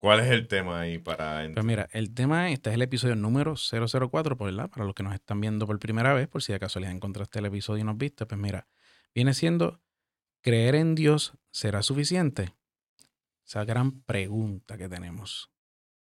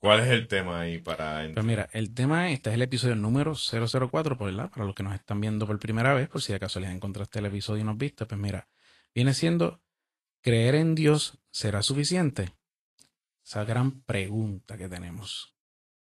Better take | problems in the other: first | garbled, watery; slightly

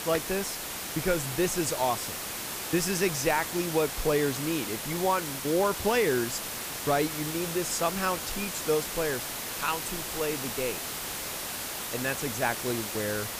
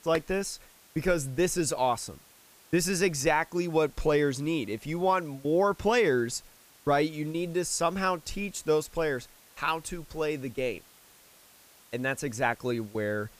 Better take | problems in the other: second | hiss; loud; throughout; 3 dB below the speech; faint in the second

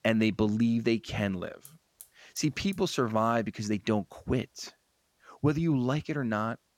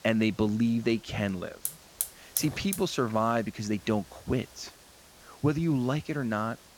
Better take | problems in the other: first | hiss; loud; throughout; 5 dB below the speech; faint in the first

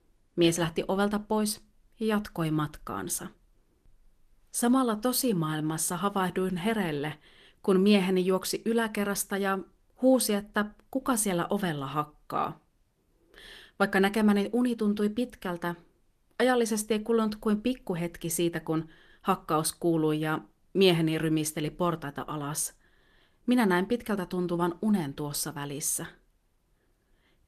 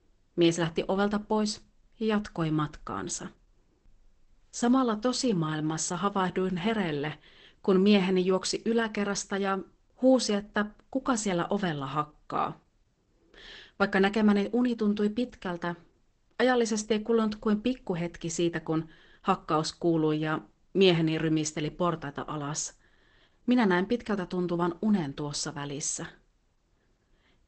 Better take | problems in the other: first | garbled, watery; badly; nothing above 8 kHz; slightly in the first

